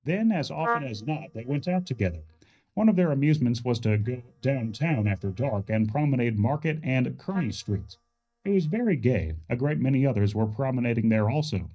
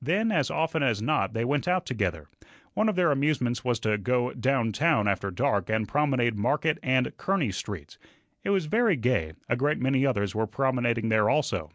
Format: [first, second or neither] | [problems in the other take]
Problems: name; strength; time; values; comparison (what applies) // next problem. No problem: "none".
second | noise reduction (neural mask model DeepFilterNet 3)